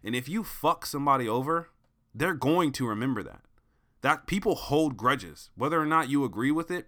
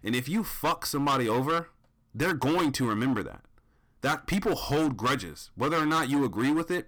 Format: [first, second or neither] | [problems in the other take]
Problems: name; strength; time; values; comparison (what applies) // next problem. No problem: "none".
first | distortion; heavy; 14% of the sound clipped